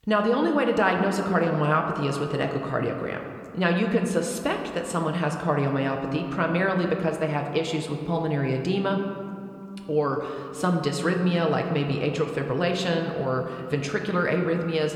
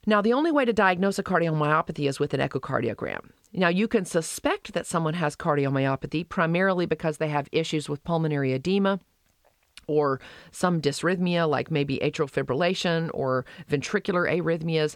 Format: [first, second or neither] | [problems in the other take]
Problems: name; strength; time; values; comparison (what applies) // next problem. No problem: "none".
second | room echo; slight; dies away in 1.8 s